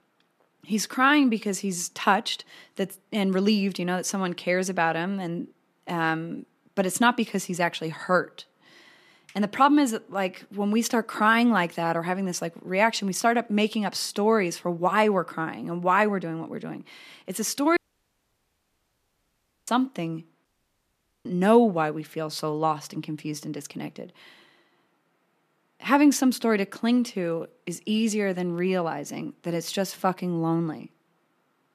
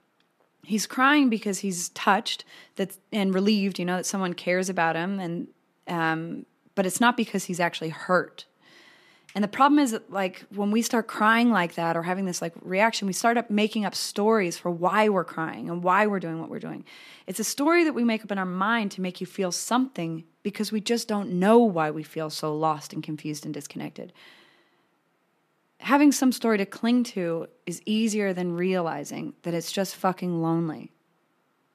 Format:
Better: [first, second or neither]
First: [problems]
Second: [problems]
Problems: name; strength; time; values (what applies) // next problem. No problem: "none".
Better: second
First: audio cutting out; at 18 s for 2 s and at 20 s for 1 s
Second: none